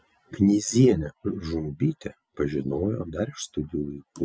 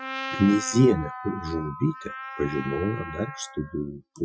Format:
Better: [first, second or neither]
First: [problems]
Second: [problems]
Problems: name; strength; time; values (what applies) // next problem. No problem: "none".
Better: first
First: none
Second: noise reduction (classical method Wiener filter)